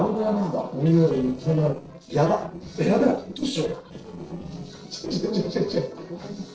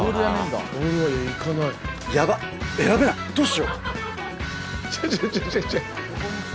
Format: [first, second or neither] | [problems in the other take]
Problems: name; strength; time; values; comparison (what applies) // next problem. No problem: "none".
second | noise reduction (neural separator model SepFormer DNS4)